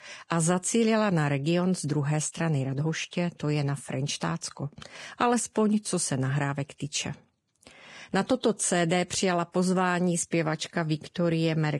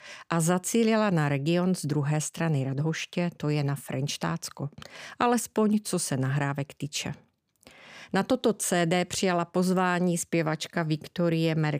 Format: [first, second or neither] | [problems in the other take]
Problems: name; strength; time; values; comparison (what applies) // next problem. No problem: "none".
second | garbled, watery; badly